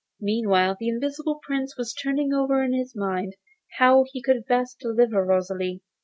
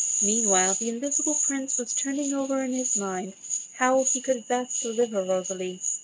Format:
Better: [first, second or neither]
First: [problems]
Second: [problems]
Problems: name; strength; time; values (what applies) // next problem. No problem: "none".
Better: first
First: none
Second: noise reduction (neural mask model RNNoise)